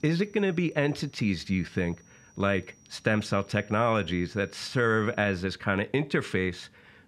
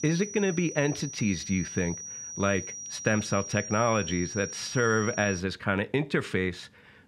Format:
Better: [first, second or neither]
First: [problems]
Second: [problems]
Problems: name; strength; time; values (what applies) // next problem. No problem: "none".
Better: first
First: high-pitched whine; faint; until 5.5 s; 5.5 kHz, 30 dB below the speech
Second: high-pitched whine; loud; until 5.5 s; 5.5 kHz, 9 dB below the speech